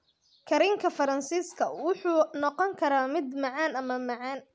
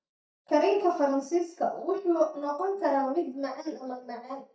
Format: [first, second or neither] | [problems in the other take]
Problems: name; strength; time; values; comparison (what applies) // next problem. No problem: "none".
first | noise reduction (neural mask model DeepFilterNet 3)